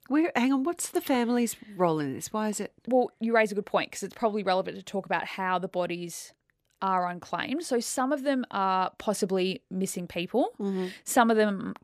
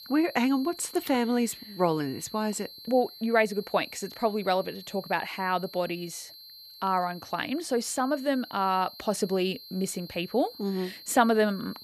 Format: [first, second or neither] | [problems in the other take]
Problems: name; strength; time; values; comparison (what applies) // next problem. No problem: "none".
first | high-pitched whine; noticeable; throughout; 4 kHz, 15 dB below the speech